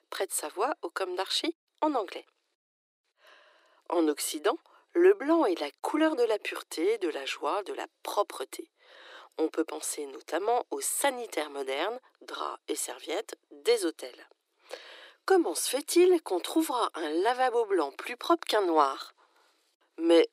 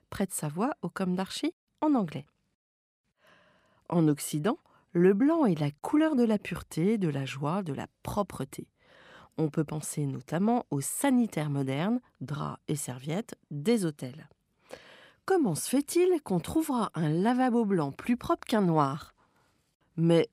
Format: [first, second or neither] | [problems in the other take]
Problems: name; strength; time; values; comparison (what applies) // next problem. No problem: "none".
second | thin; very; fading below 350 Hz